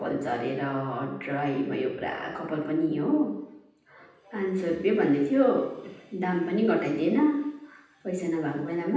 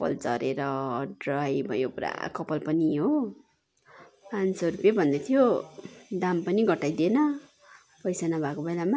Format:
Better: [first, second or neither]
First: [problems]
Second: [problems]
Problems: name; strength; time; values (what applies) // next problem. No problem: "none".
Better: second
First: room echo; dies away in 0.9 s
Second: none